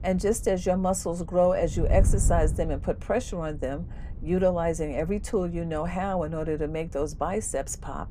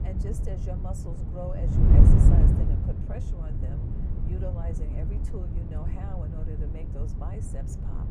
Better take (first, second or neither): first